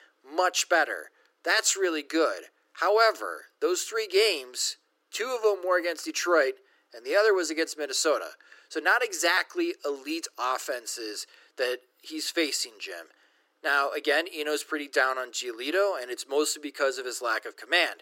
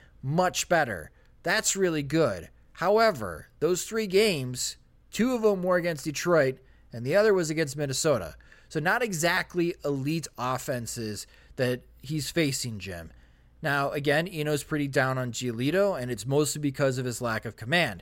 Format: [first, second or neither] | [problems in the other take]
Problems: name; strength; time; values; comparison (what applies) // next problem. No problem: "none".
second | thin; very; fading below 300 Hz